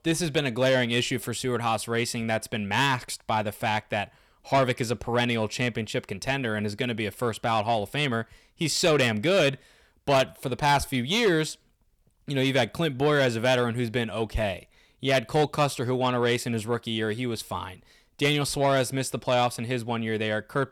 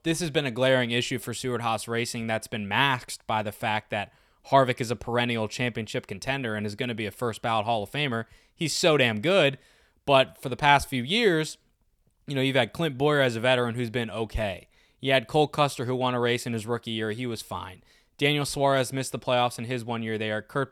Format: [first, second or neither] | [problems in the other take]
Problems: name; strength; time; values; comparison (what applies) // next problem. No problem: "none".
second | distortion; slight; 10 dB below the speech